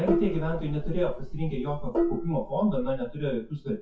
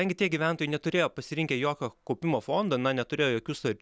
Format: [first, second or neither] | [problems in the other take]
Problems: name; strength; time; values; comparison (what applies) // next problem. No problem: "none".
second | noise reduction (classical method WPE with log-MMSE)